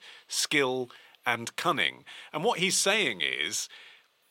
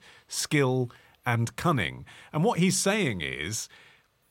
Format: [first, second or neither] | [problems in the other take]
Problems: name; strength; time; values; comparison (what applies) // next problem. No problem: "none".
second | thin; somewhat; fading below 350 Hz